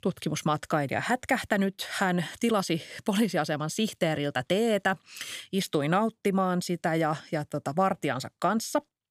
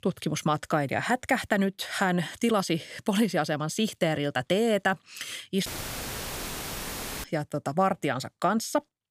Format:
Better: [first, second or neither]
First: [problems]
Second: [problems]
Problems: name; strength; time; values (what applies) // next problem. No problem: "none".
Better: first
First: none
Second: audio cutting out; filled with static; at 5.5 s for 1.5 s